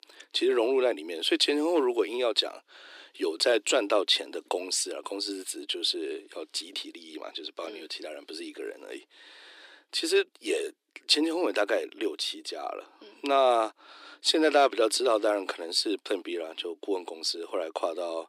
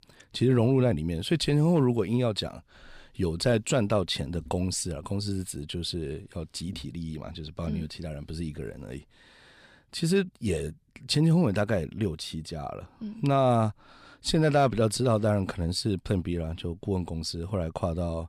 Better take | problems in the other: second | thin; very; fading below 300 Hz

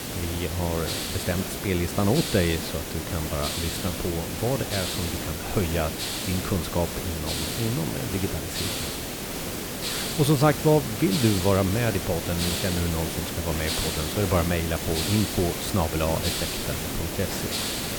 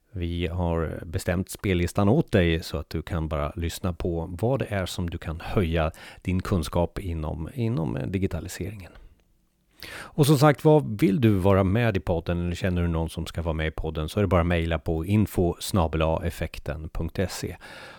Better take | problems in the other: second | hiss; loud; throughout; 2 dB below the speech

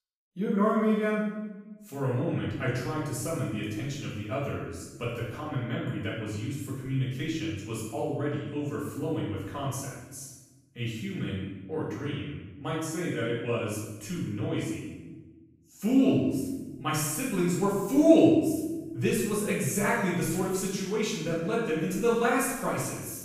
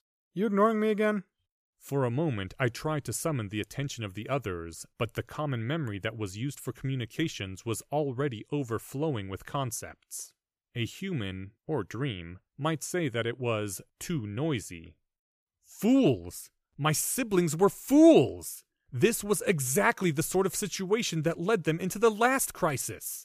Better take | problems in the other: second | off-mic speech; far // room echo; strong; dies away in 1 s

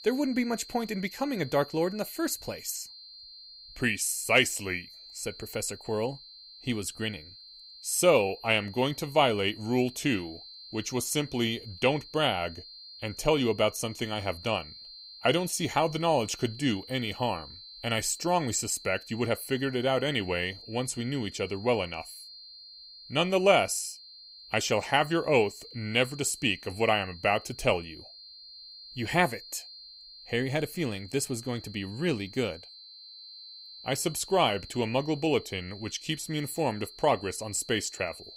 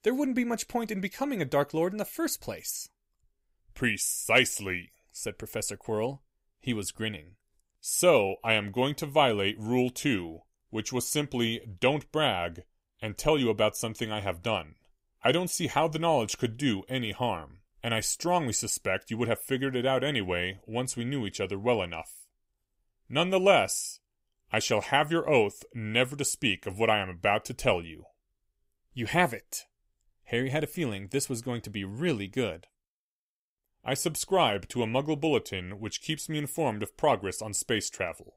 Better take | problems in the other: second | high-pitched whine; noticeable; throughout; 4 kHz, 15 dB below the speech

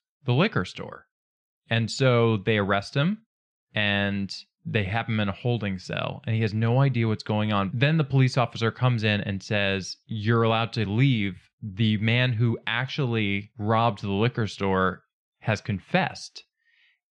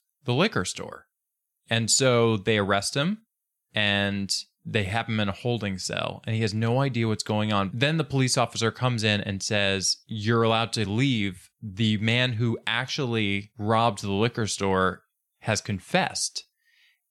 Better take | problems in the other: second | muffled; slightly; fading above 3 kHz

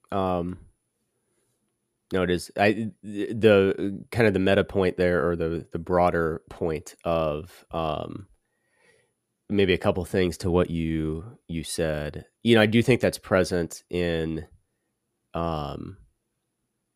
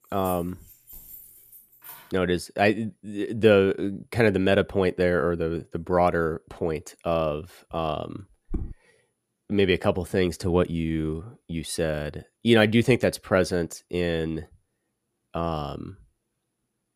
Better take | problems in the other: first | jangling keys; faint; until 2 s; peak 15 dB below the speech // footsteps; faint; at 8.5 s; peak 10 dB below the speech

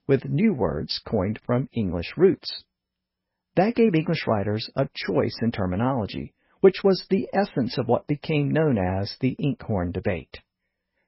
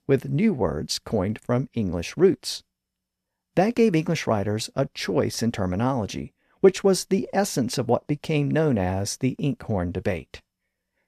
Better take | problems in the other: second | garbled, watery; badly; nothing above 5.5 kHz

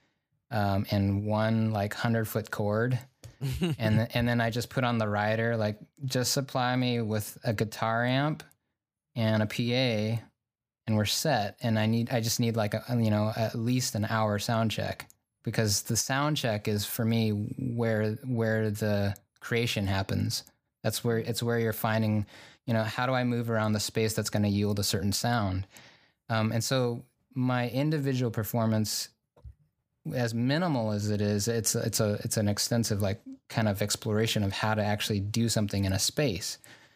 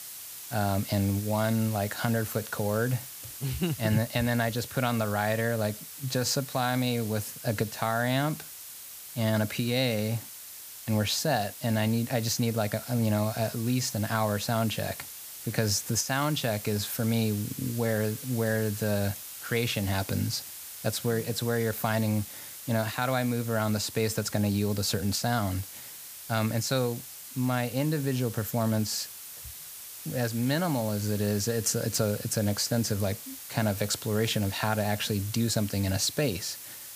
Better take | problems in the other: first | hiss; noticeable; throughout; 10 dB below the speech

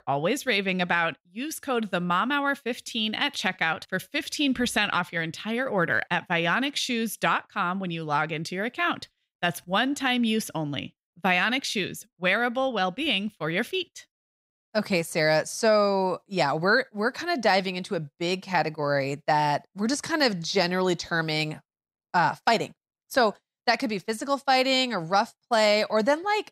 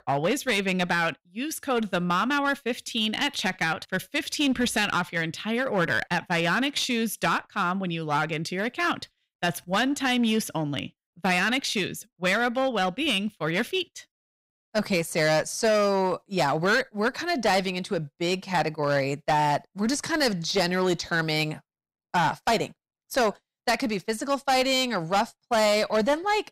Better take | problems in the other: first | distortion; slight; 8% of the sound clipped

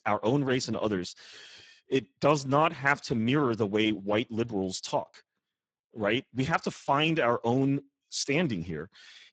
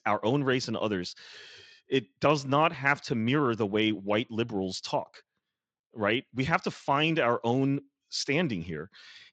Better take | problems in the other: second | garbled, watery; badly; nothing above 7.5 kHz; slightly in the second

